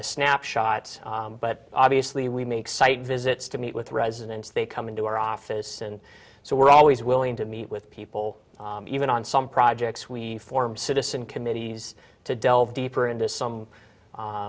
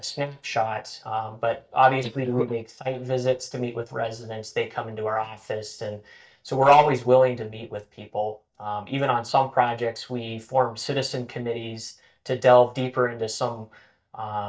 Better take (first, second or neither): first